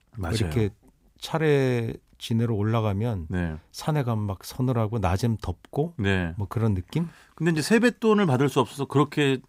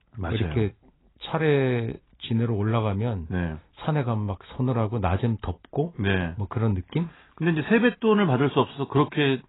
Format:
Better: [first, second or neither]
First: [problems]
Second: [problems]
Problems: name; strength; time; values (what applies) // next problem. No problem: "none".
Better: first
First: none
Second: garbled, watery; badly; nothing above 4 kHz